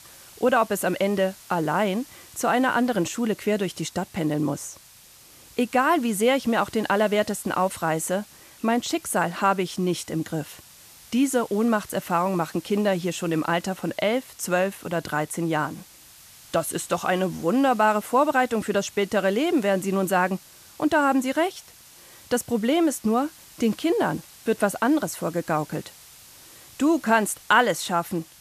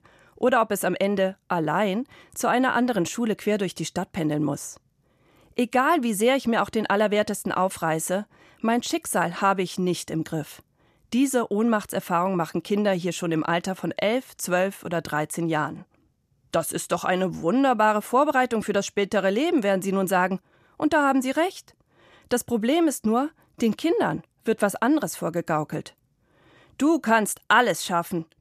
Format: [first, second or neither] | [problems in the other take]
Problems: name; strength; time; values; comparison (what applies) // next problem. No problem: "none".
second | hiss; faint; throughout; 20 dB below the speech